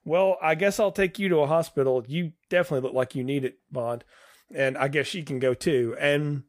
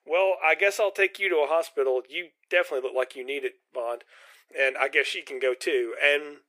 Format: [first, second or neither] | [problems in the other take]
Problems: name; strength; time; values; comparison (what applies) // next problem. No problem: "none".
first | thin; very; fading below 350 Hz